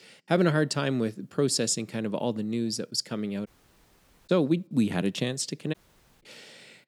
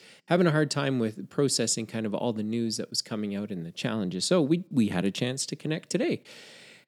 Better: second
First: audio cutting out; at 3.5 s for 1 s and at 5.5 s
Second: none

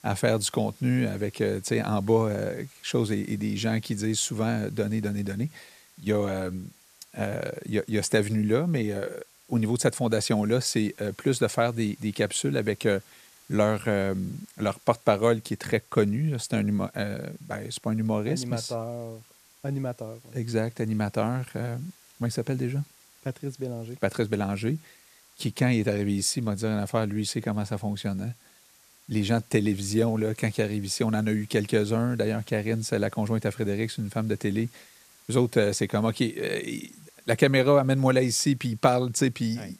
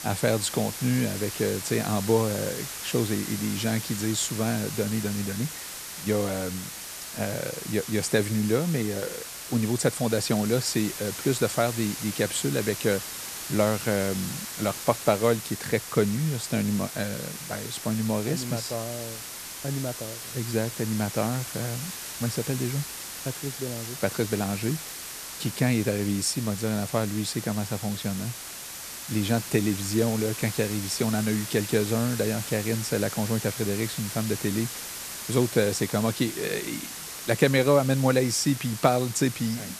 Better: first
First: hiss; faint; throughout; 25 dB below the speech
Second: hiss; loud; throughout; 7 dB below the speech

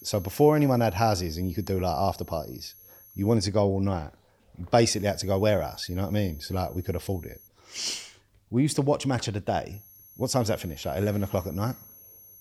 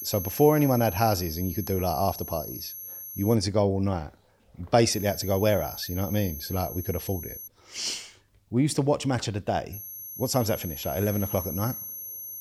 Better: first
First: high-pitched whine; faint; until 3.5 s, from 5 to 7.5 s and from 9.5 s on; 11.5 kHz, 20 dB below the speech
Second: high-pitched whine; loud; until 3.5 s, from 5 to 7.5 s and from 9.5 s on; 11.5 kHz, 9 dB below the speech

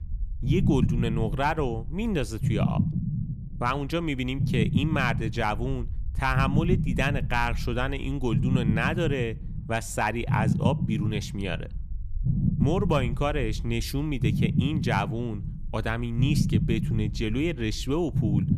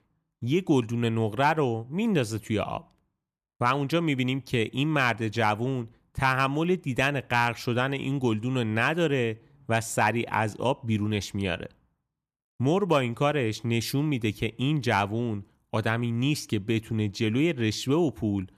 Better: second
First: low rumble; loud; throughout; 8 dB below the speech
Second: none

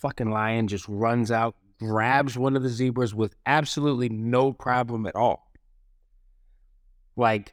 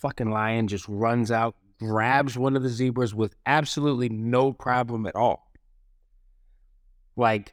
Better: neither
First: none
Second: none

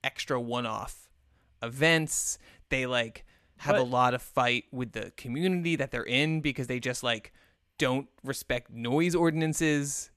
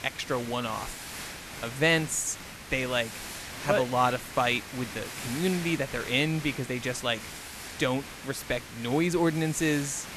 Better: first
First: none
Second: hiss; noticeable; throughout; 10 dB below the speech

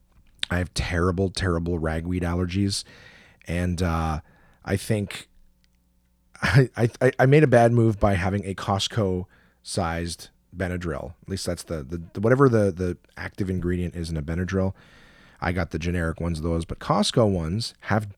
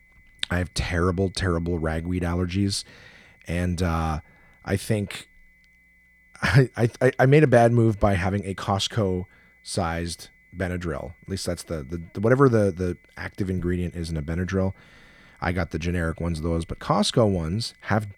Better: first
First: none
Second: high-pitched whine; faint; throughout; 2 kHz, 30 dB below the speech

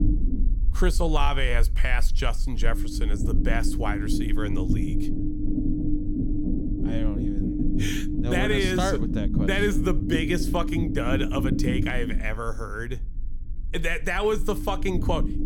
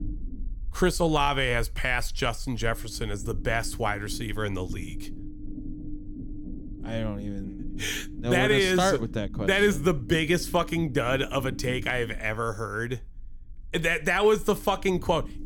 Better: second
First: low rumble; loud; throughout; 5 dB below the speech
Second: low rumble; faint; throughout; 20 dB below the speech

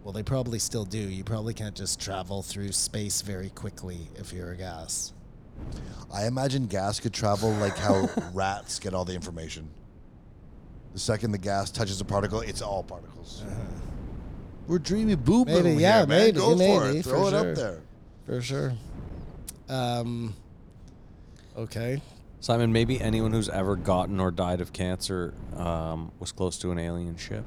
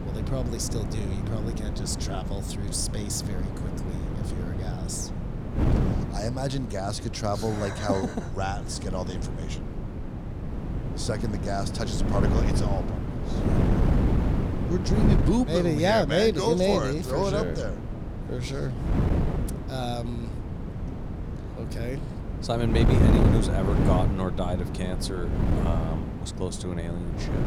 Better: first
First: wind noise on the microphone; occasional gusts; 25 dB below the speech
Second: wind noise on the microphone; heavy; 5 dB below the speech

